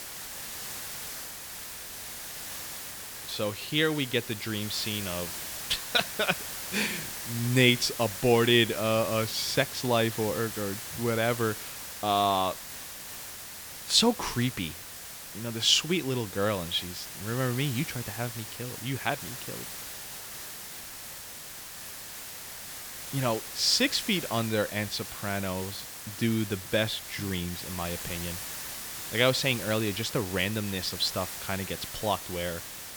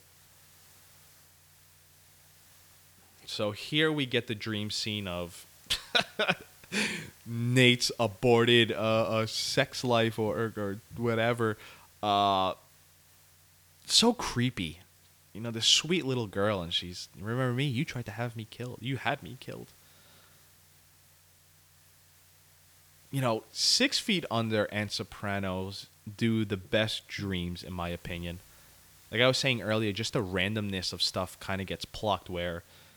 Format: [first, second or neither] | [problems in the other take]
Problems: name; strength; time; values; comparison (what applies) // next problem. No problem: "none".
second | hiss; loud; throughout; 9 dB below the speech; faint in the second